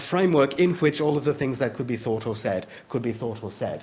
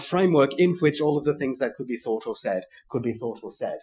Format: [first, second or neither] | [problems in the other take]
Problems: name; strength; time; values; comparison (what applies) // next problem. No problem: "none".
first | noise reduction (classical method Wiener filter)